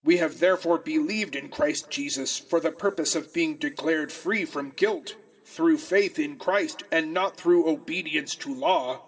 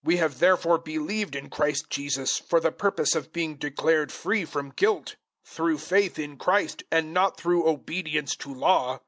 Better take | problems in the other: second | room echo; dies away in 2.1 s

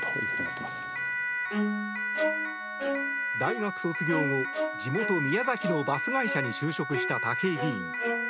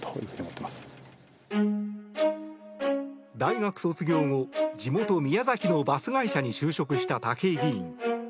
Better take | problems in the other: second | background sound (Siren); 2 dB below the speech

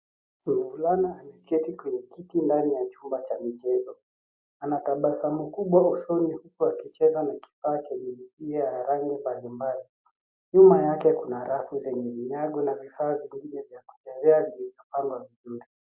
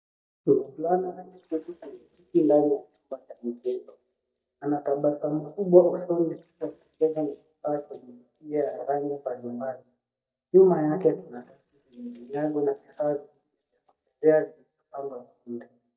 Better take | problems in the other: first | noise reduction (neural mask model DeepFilterNet 3)

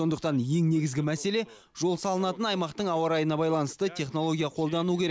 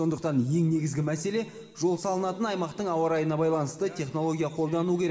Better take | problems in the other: first | room echo; dies away in 1.8 s

